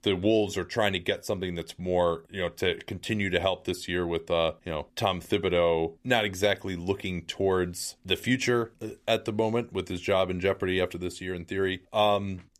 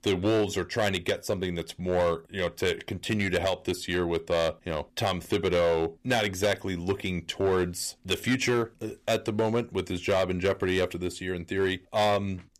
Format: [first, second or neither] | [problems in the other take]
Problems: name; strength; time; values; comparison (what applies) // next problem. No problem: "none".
first | distortion; slight; 6% of the sound clipped